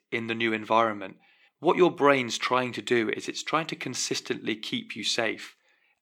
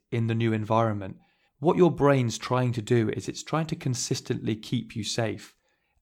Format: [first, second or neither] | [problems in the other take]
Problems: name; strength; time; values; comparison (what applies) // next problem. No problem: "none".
second | thin; somewhat; fading below 300 Hz